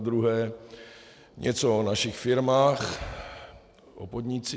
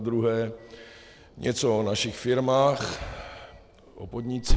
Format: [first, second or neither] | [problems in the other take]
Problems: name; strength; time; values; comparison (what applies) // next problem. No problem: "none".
first | background sound (Alarm); 4 dB below the speech